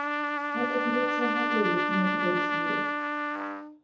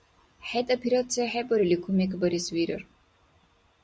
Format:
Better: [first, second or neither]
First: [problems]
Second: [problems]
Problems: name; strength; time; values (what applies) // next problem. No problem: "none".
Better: second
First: background sound (Trumpet); 4 dB above the speech // room echo; dies away in 0.6 s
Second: none